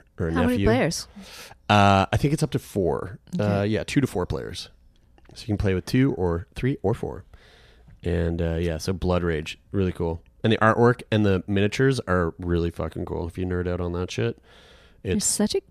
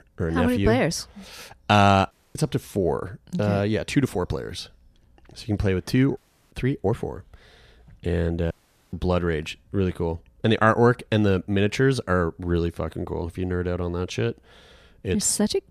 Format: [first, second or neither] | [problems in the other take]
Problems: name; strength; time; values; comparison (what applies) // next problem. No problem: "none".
first | audio cutting out; at 2 s, at 6 s and at 8.5 s